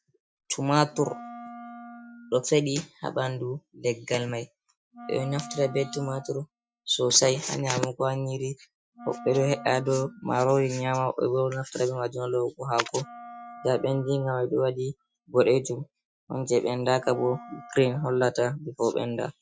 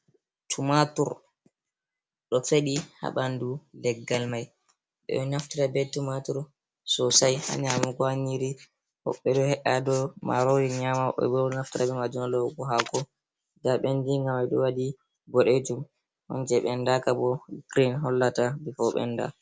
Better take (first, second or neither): second